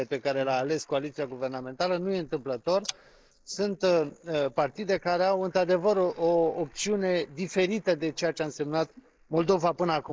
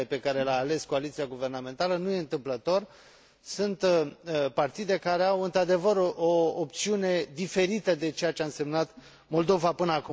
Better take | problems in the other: second | noise reduction (neural mask model Resemble Enhance denoiser)

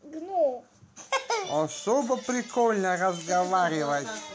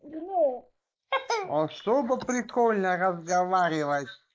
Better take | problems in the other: first | noise reduction (neural mask model Resemble Enhance denoiser)

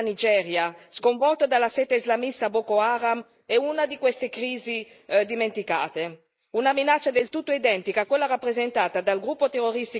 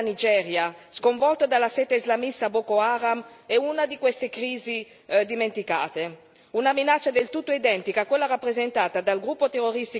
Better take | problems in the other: second | noise reduction (neural mask model Resemble Enhance denoiser)

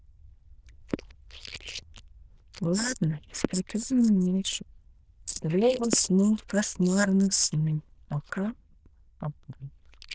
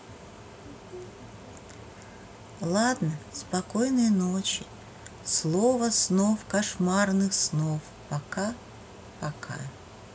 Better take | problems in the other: second | noise reduction (neural diffusion model UNIVERSE++)

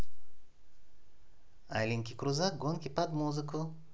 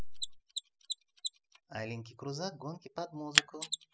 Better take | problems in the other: first | noise reduction (classical method spectral subtraction)

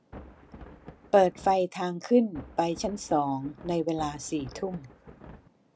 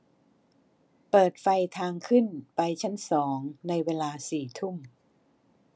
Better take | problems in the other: second | background sound (Thunder); 18 dB below the speech

